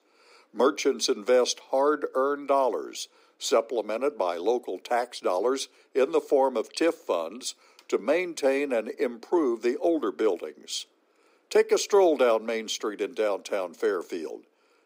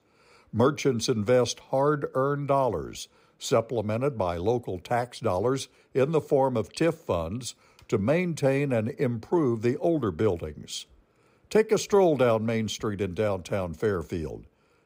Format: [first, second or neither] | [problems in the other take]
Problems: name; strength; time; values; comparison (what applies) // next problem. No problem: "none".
second | thin; somewhat; fading below 300 Hz